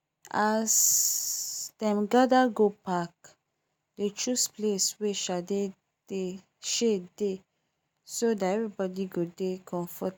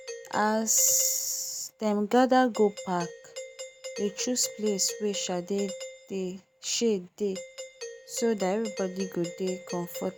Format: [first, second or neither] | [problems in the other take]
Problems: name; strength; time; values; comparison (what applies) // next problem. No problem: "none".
first | background sound (Doorbell); 13 dB below the speech